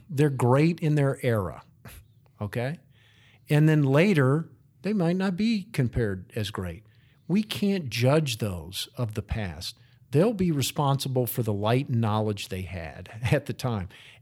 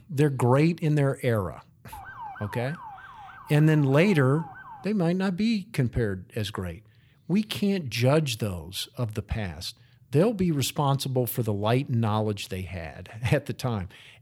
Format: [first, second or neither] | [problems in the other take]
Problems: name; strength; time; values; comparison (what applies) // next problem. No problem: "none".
first | siren; faint; from 2 to 5 s; peak 15 dB below the speech